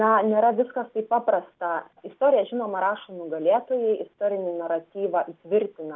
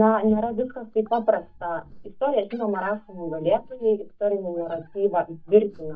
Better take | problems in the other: first | noise reduction (neural mask model DeepFilterNet 3)

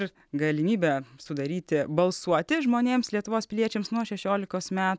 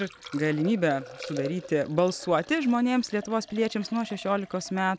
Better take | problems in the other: first | background sound (Liquid); 17 dB below the speech

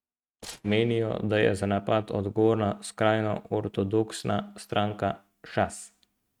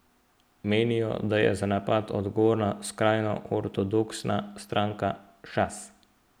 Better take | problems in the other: second | noise reduction (neural mask model RNNoise)

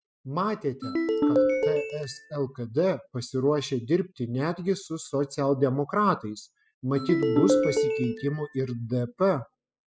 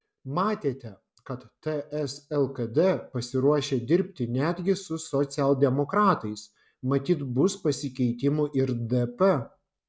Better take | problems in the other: second | noise reduction (classical method spectral subtraction)

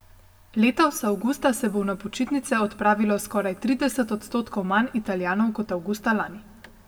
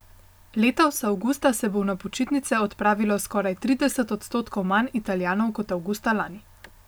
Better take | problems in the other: second | room echo; dies away in 1.6 s

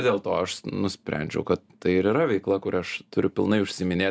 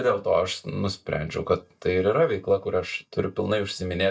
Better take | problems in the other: first | noise reduction (neural mask model DeepFilterNet 3)

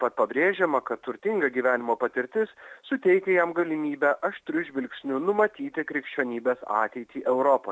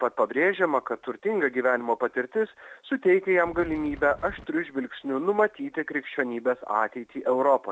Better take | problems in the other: first | background sound (Wind); 17 dB below the speech

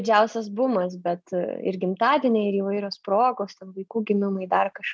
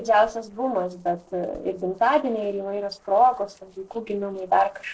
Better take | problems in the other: first | noise reduction (neural separator model SepFormer DNS4)

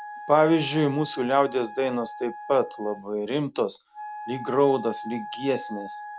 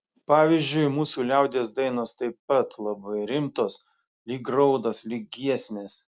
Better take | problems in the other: second | background sound (Wind instrument, woodwind instrument); 13 dB below the speech

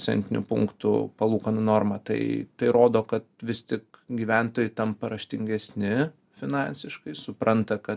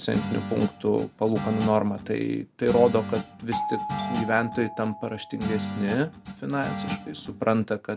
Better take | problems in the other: first | background sound (Guitar + Doorbell); 7 dB below the speech

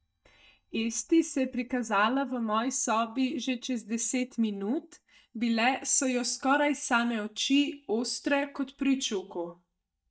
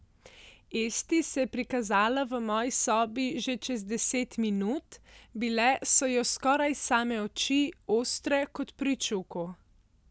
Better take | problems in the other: second | noise reduction (neural mask model DeepFilterNet 3)

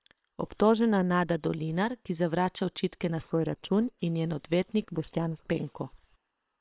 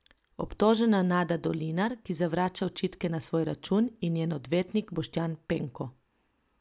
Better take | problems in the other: second | noise reduction (neural separator model SepFormer WHAM!)

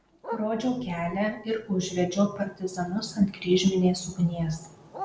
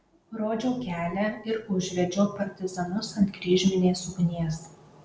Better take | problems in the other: second | background sound (Bark); 18 dB below the speech

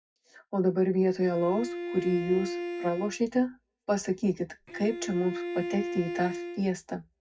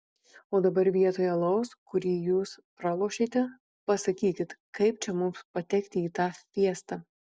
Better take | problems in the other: second | background sound (Bowed string instrument); 6 dB below the speech // room echo; dies away in 0.4 s

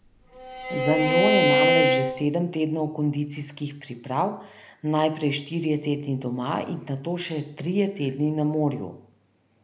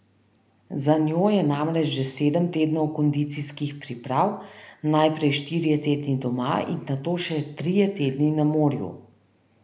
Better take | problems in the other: second | background sound (Bowed string instrument); 4 dB above the speech

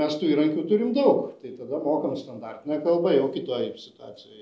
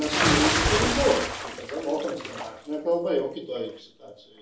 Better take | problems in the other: first | background sound (Bathtub (filling or washing) / Splash, splatter); as loud as the speech // room echo; dies away in 0.3 s

